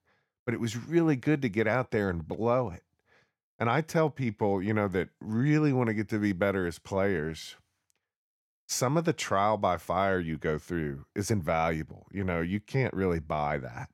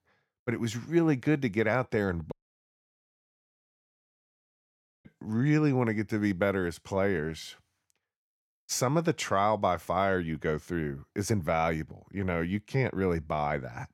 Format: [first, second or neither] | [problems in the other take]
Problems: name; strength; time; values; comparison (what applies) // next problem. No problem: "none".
first | audio cutting out; at 2.5 s for 2.5 s